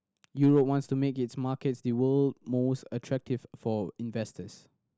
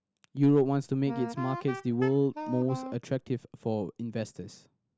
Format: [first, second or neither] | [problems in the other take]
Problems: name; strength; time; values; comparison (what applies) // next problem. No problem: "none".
first | background sound (Wind instrument, woodwind instrument); 9 dB below the speech